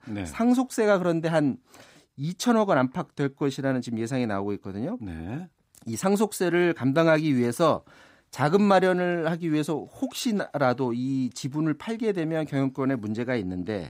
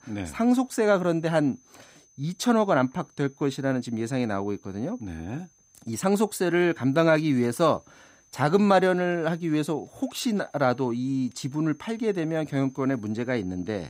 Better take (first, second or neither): first